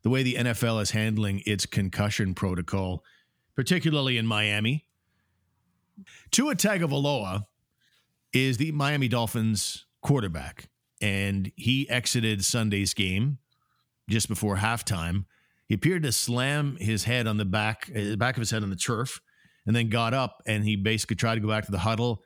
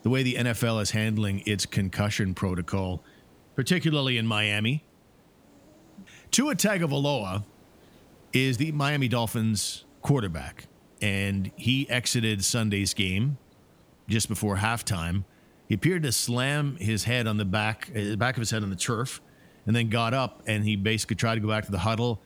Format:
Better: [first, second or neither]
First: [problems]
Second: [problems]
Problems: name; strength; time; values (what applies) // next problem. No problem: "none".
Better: first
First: none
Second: hiss; faint; throughout; 30 dB below the speech